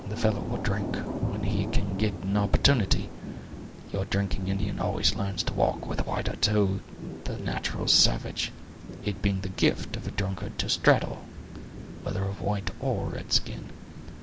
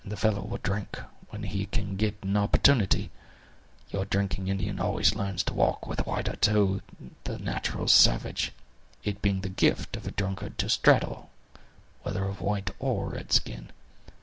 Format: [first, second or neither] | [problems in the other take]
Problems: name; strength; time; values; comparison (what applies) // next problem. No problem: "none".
second | background sound (Thunder / Rain); 10 dB below the speech